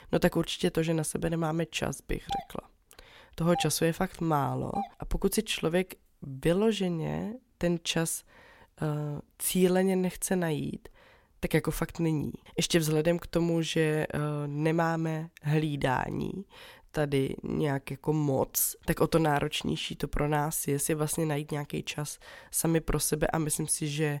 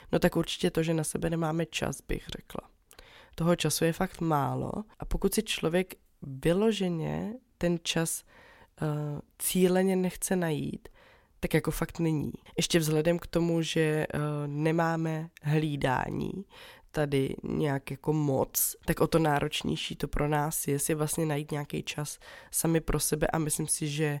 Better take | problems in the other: second | doorbell; noticeable; from 2.5 to 5 s; peak 8 dB below the speech

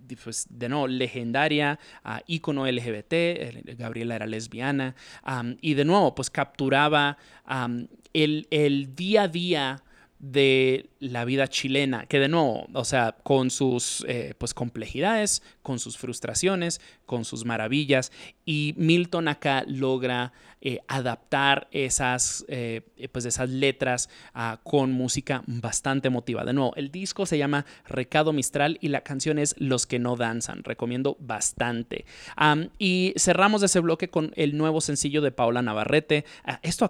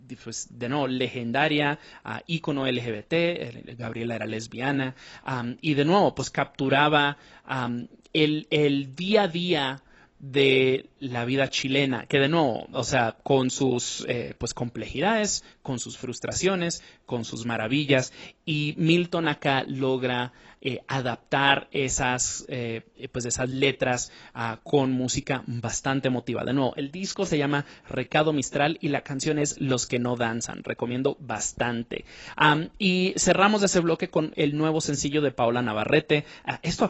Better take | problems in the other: first | garbled, watery; badly; nothing above 7.5 kHz

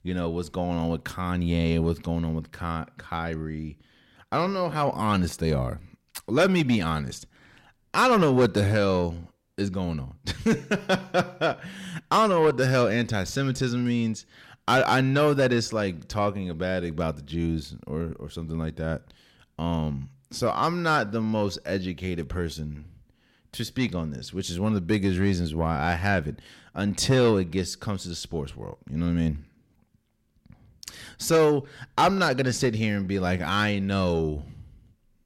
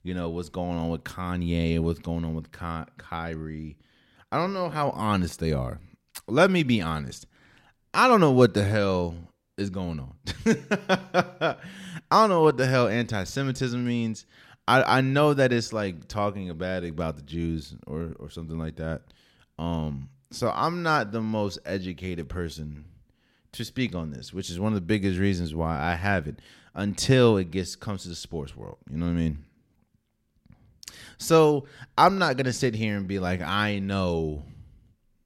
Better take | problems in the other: second | distortion; slight; 10 dB below the speech

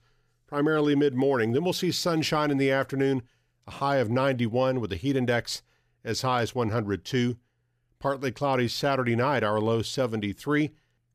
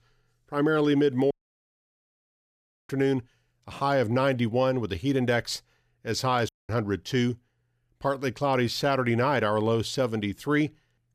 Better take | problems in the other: first | audio cutting out; at 1.5 s for 1.5 s and at 6.5 s

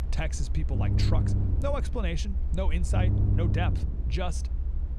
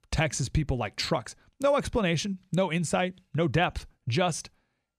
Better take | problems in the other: second | low rumble; loud; throughout; 6 dB below the speech

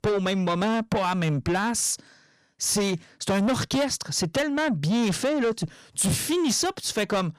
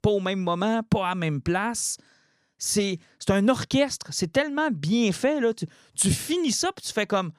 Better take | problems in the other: second | distortion; heavy; 8 dB below the speech

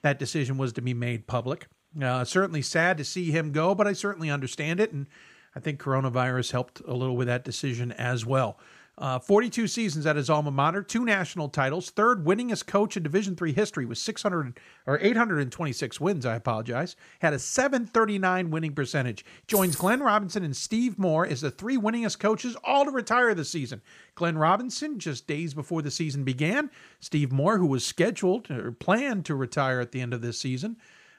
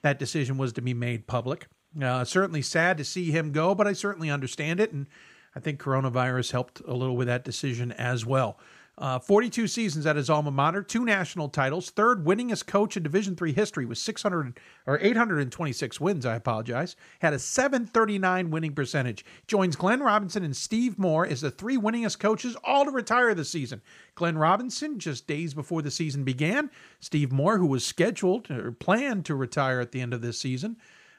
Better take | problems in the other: second | jangling keys; noticeable; at 20 s; peak 2 dB below the speech

